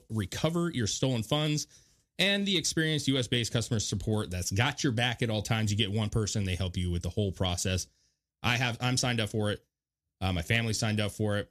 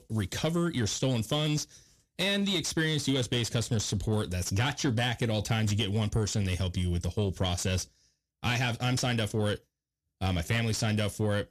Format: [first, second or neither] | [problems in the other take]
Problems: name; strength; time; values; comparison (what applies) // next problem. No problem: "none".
first | distortion; slight; 10 dB below the speech